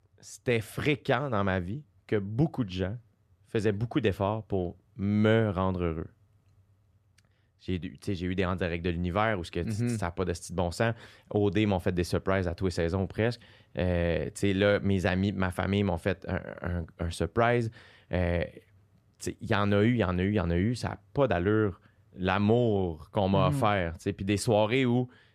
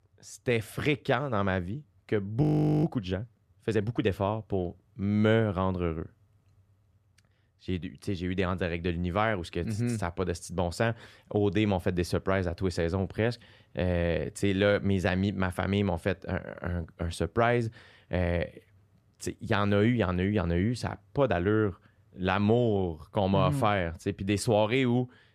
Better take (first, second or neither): first